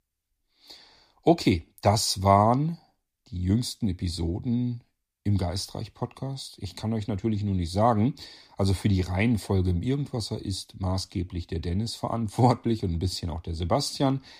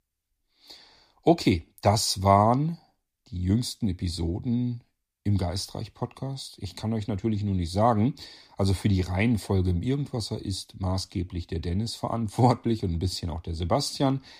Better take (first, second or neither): neither